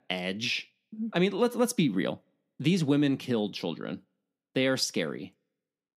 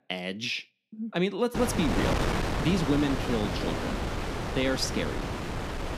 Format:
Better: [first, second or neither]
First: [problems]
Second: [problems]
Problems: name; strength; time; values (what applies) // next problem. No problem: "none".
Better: first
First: none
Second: wind noise on the microphone; heavy; from 1.5 s on; 1 dB below the speech